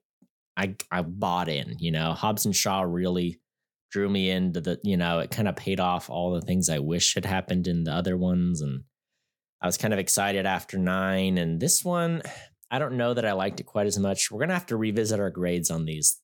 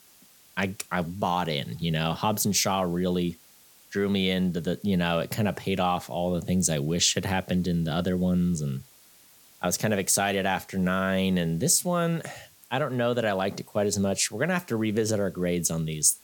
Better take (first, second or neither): first